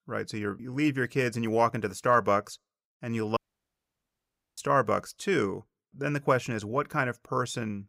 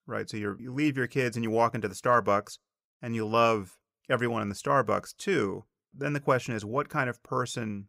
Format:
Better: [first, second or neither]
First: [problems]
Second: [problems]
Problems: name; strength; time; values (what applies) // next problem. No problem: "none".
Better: second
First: audio cutting out; at 3.5 s for 1 s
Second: none